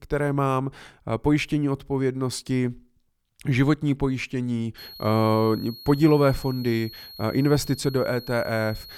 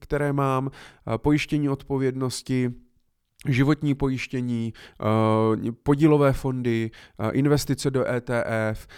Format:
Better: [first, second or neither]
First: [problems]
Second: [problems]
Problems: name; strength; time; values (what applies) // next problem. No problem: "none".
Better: second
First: high-pitched whine; noticeable; from 5 s on; 4.5 kHz, 15 dB below the speech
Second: none